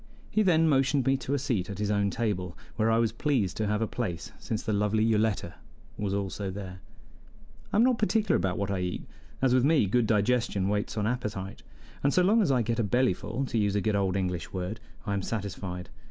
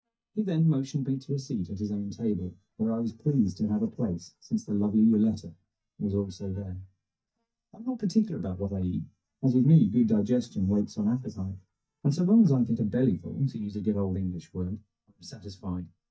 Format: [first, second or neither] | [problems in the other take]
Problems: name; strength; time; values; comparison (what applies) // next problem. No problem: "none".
first | noise reduction (neural mask model DeepFilterNet 3)